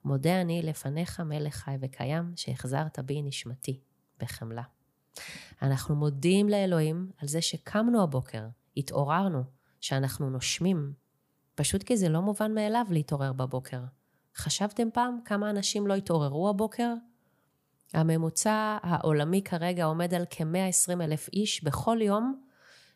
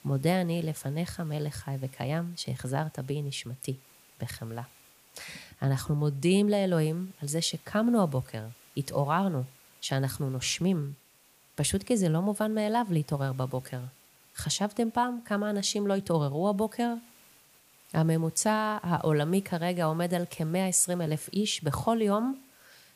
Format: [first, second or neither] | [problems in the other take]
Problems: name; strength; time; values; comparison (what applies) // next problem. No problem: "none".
first | hiss; faint; throughout; 25 dB below the speech